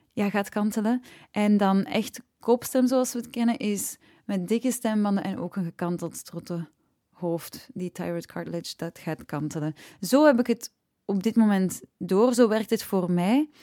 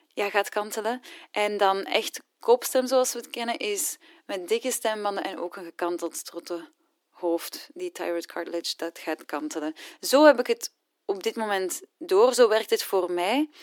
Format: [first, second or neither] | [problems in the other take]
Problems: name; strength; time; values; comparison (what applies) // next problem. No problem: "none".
first | thin; very; fading below 350 Hz